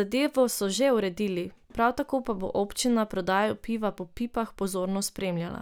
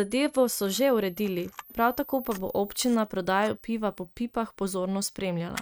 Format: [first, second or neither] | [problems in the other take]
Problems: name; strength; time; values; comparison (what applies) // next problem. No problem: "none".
first | noise reduction (neural mask model RNNoise)